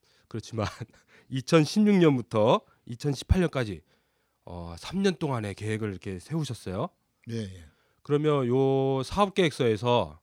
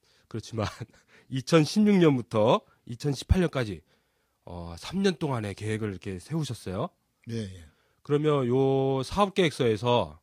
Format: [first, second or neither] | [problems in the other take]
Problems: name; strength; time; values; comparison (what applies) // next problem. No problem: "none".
first | garbled, watery; slightly; nothing above 15 kHz